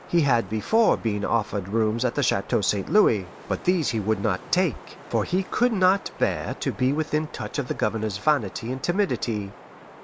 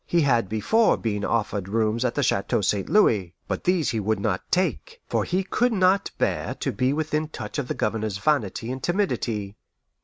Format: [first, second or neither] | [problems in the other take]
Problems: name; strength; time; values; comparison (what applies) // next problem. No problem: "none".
second | background sound (Wind); 20 dB below the speech